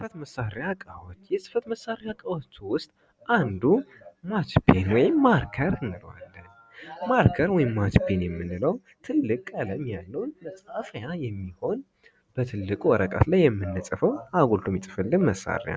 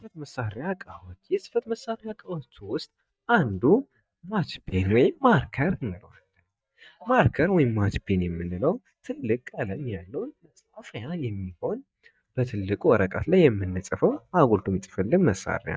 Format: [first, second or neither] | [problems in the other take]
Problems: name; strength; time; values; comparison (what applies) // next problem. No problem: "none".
first | noise reduction (neural mask model DeepFilterNet 3)